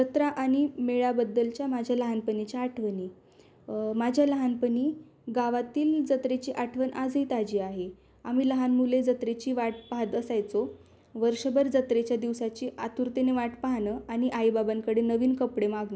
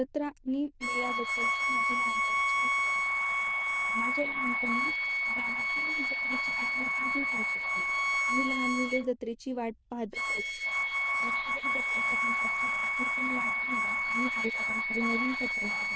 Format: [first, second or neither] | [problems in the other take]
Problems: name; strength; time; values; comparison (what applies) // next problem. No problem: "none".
first | noise reduction (neural diffusion model UNIVERSE++)